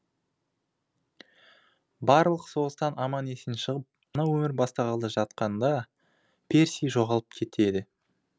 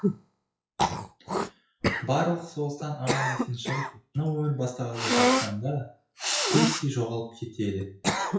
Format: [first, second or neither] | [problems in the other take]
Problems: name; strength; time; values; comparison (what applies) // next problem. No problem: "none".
first | noise reduction (classical method WPE with log-MMSE)